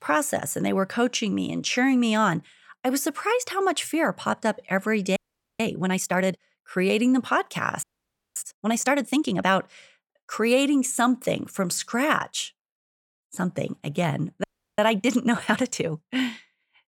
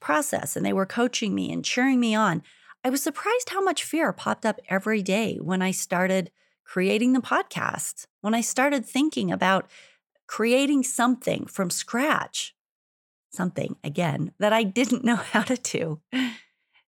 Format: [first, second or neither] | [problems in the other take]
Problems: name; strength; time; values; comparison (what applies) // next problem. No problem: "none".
second | audio freezing; at 5 s, at 8 s for 0.5 s and at 14 s